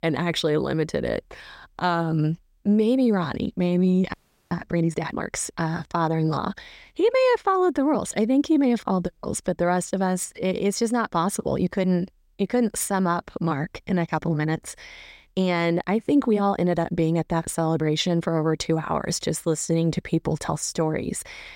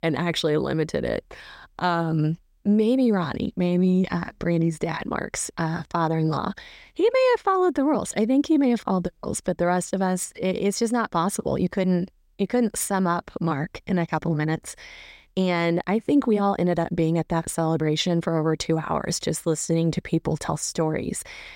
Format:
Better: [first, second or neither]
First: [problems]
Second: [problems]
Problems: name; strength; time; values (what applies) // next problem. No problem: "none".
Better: second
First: audio freezing; at 4 s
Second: none